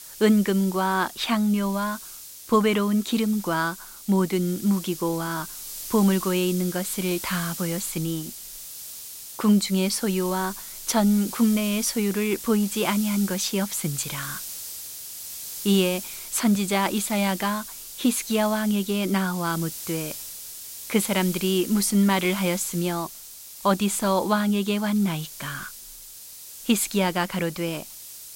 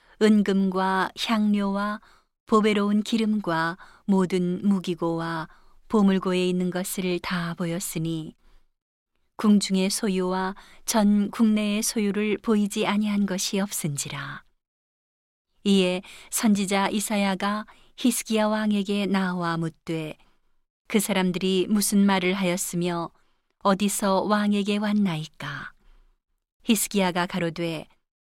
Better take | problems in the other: second | hiss; noticeable; throughout; 10 dB below the speech

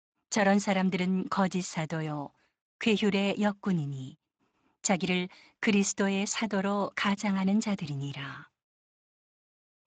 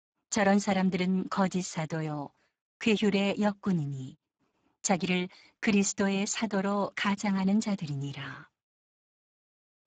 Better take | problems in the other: first | garbled, watery; badly; nothing above 7.5 kHz; slightly in the first

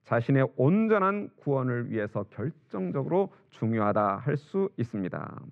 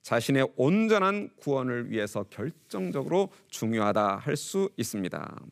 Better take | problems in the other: second | muffled; very; fading above 1.5 kHz

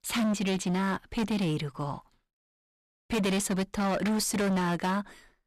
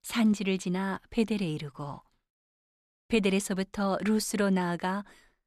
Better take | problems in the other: second | distortion; heavy; 19% of the sound clipped

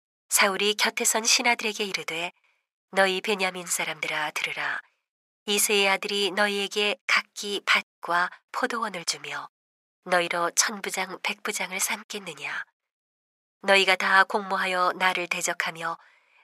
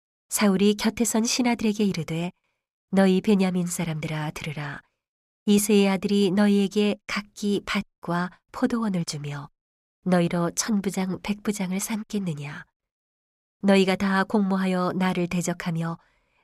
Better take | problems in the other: second | thin; very; fading below 600 Hz

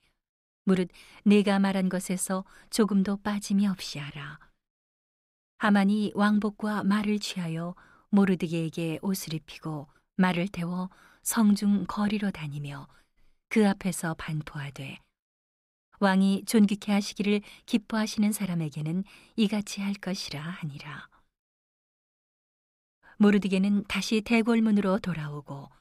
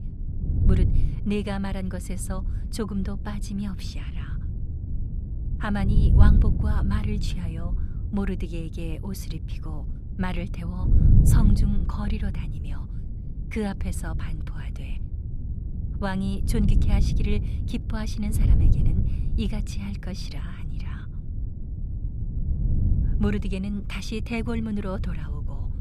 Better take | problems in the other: first | wind noise on the microphone; heavy; 6 dB below the speech

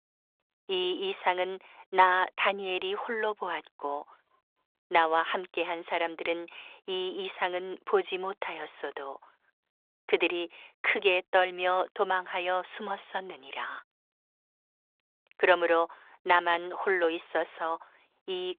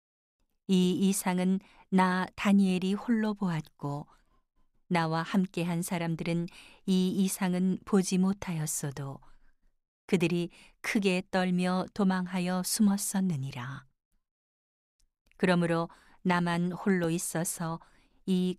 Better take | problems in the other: second | phone-call audio

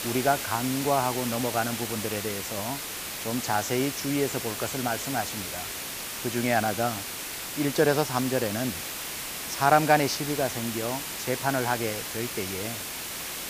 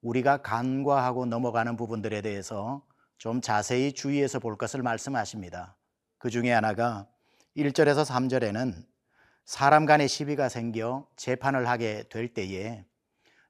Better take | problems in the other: second | hiss; loud; throughout; 4 dB below the speech

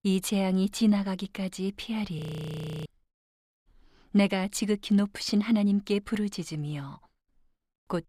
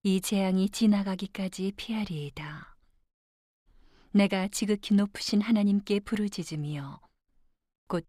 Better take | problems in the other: second | audio freezing; at 2 s for 0.5 s

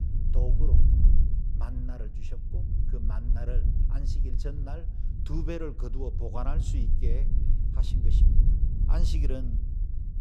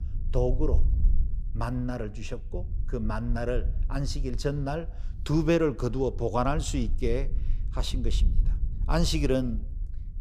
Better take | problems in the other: second | low rumble; loud; throughout; 4 dB below the speech; faint in the second

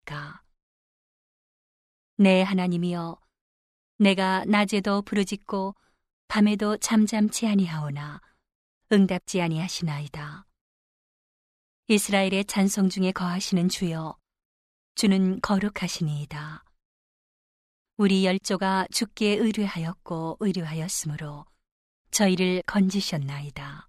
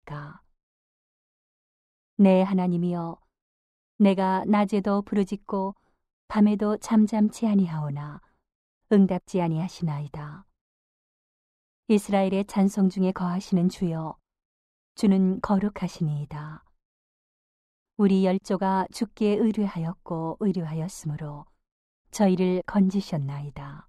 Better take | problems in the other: first | muffled; slightly; fading above 1.5 kHz

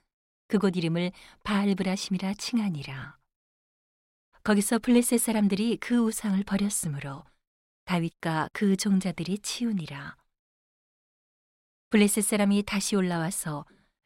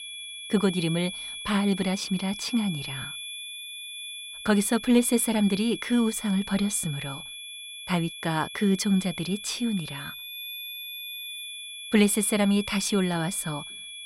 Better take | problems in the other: first | high-pitched whine; noticeable; throughout; 3.5 kHz, 10 dB below the speech

